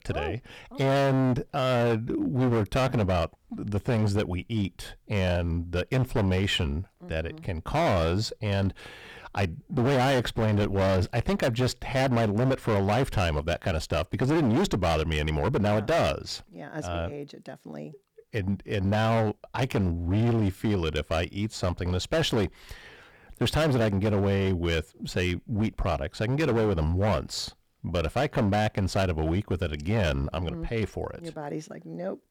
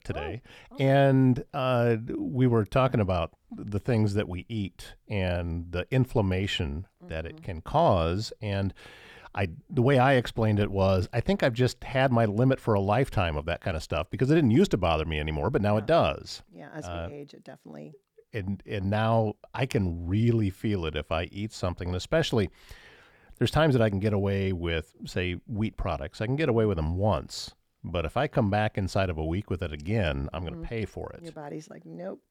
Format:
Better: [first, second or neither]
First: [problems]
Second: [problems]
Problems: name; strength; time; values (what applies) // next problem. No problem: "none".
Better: second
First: distortion; heavy; 15% of the sound clipped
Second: none